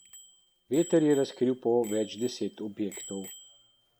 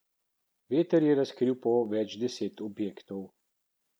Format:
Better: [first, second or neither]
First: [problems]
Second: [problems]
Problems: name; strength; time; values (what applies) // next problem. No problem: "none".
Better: second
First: background sound (Bicycle bell); 19 dB below the speech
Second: none